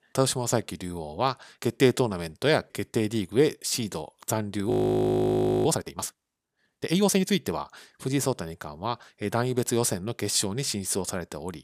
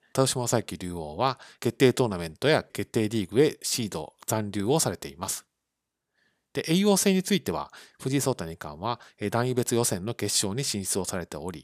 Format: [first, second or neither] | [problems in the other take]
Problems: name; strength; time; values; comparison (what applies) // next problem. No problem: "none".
second | audio freezing; at 4.5 s for 1 s